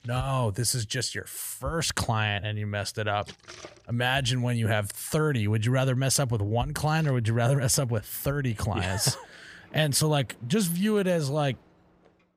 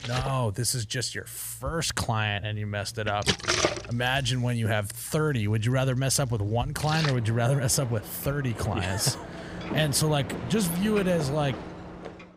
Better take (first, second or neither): first